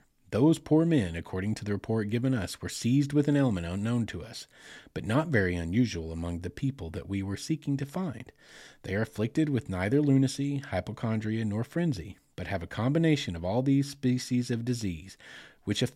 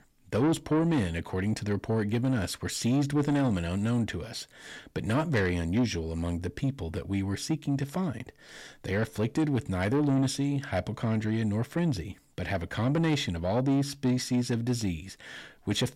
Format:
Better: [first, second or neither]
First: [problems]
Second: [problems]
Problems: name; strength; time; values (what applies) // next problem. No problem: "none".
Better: first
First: none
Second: distortion; slight; 10 dB below the speech